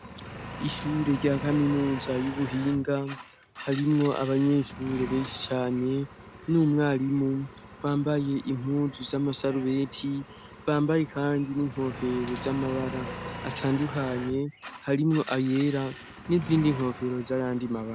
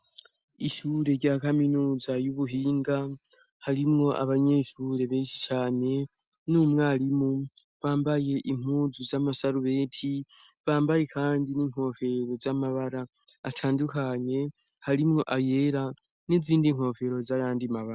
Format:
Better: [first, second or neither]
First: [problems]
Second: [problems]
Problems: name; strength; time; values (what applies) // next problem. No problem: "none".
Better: second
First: background sound (Engine); 13 dB below the speech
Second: none